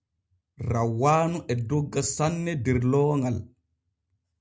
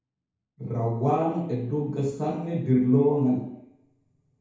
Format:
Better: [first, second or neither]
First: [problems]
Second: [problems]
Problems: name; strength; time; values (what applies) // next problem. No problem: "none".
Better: first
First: none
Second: room echo; dies away in 2 s